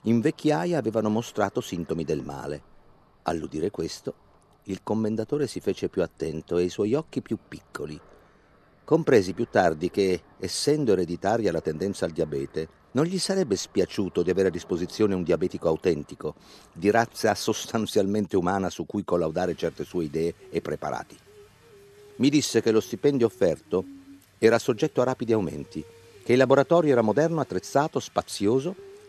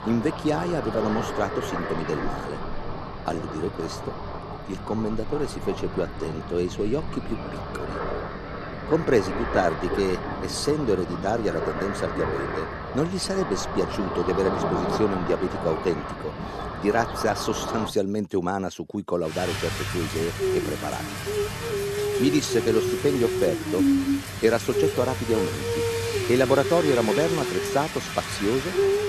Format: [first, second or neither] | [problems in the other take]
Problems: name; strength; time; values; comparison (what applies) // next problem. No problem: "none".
first | rain or running water; loud; throughout; 3 dB below the speech; faint in the first